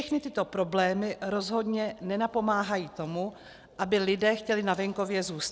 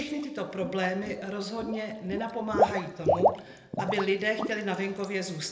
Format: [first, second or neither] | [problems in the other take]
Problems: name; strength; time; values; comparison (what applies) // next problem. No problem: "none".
first | background sound (Water / Liquid); as loud as the speech // room echo; dies away in 0.8 s